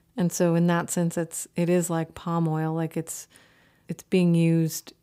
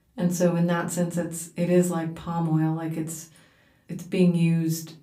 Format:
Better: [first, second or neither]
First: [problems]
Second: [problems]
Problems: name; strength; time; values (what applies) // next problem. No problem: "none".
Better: first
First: none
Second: off-mic speech; far // room echo; very slight; dies away in 0.3 s